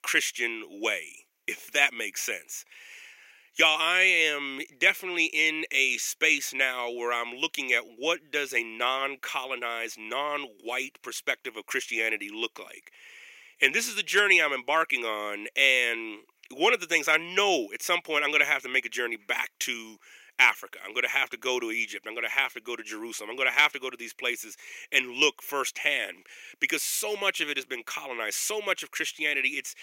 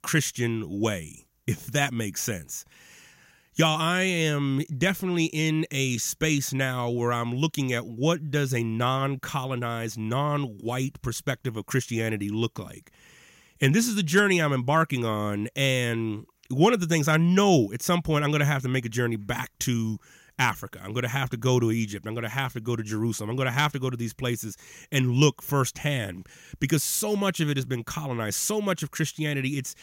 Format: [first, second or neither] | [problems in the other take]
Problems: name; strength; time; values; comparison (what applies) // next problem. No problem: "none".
second | thin; very; fading below 350 Hz